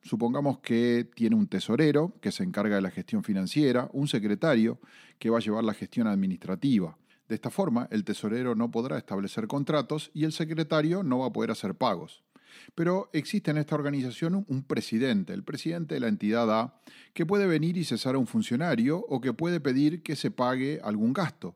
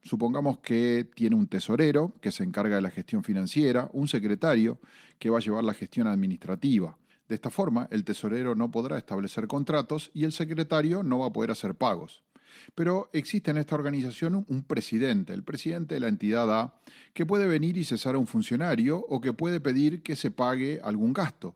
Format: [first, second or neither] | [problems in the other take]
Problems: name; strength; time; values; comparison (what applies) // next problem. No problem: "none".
first | garbled, watery; slightly